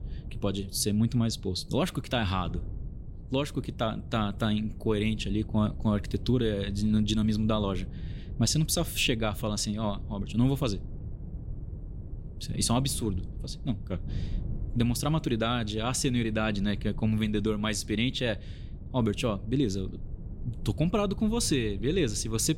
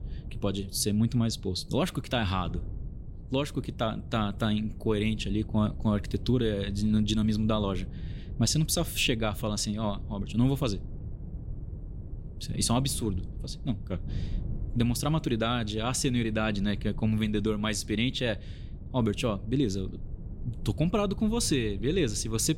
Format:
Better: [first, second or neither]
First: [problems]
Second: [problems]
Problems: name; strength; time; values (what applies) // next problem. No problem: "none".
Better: neither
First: wind noise on the microphone; occasional gusts; 20 dB below the speech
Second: wind noise on the microphone; occasional gusts; 20 dB below the speech